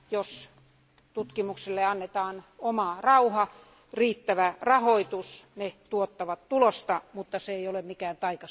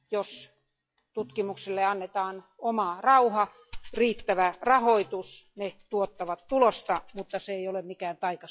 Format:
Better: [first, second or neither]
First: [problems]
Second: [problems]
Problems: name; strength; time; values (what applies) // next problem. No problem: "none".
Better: first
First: none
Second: noise reduction (classical method log-MMSE)